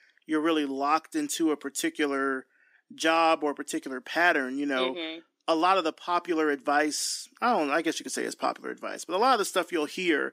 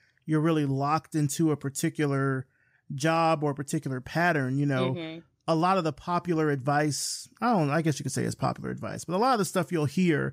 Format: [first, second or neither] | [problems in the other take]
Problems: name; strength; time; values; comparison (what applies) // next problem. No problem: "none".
second | thin; somewhat; fading below 250 Hz